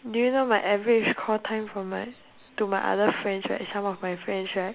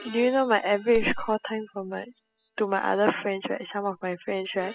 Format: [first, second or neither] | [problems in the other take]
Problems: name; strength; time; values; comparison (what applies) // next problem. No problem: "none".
first | noise reduction (classical method spectral subtraction)